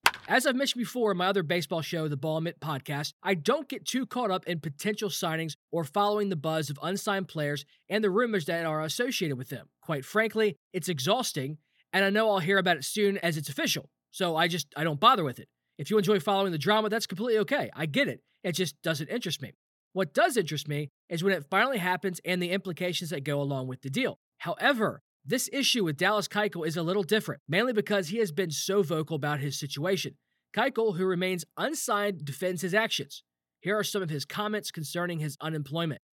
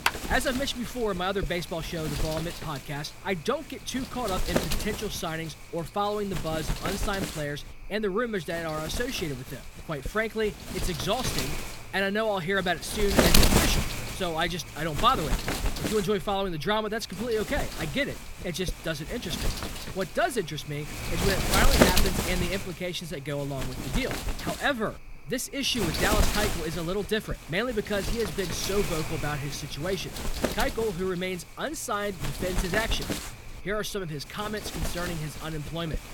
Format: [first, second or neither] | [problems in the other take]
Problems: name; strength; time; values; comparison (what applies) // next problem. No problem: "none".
first | wind noise on the microphone; heavy; 2 dB below the speech